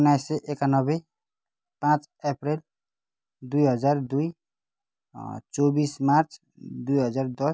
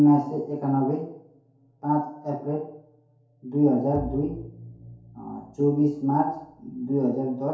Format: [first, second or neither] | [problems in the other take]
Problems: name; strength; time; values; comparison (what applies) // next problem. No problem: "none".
first | background sound (Bowed string instrument); 16 dB below the speech // room echo; dies away in 2.4 s